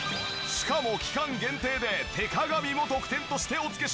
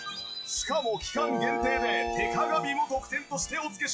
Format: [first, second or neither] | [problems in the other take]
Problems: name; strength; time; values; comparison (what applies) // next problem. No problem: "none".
first | noise reduction (classical method log-MMSE)